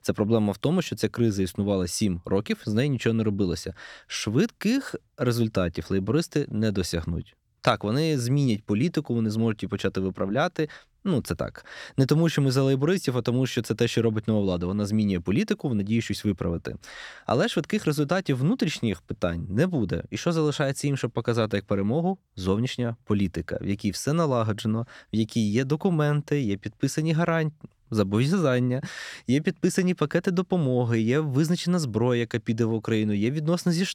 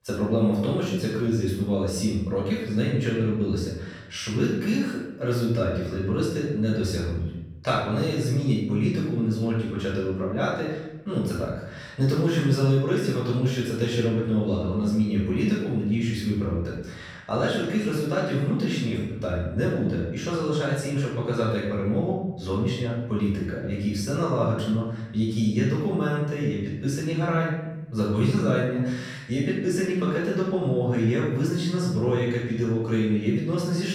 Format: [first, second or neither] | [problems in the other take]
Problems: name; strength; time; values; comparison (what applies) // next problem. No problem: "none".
first | off-mic speech; far // room echo; noticeable; dies away in 0.8 s